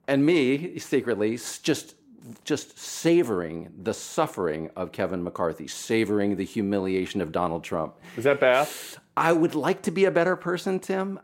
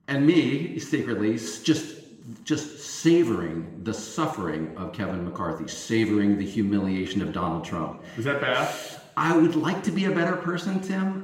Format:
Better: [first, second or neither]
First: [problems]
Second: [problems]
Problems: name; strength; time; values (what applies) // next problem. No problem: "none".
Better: first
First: none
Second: room echo; slight; dies away in 0.9 s // off-mic speech; somewhat distant